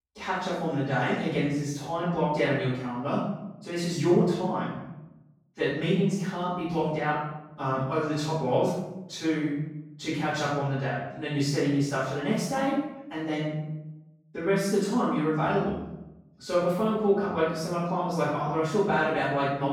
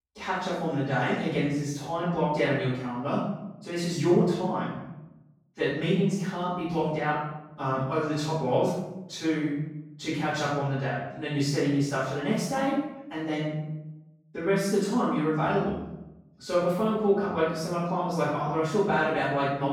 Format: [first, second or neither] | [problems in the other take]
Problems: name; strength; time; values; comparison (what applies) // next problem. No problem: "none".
neither | off-mic speech; far; the same in both // room echo; strong; dies away in 0.8 s; the same in both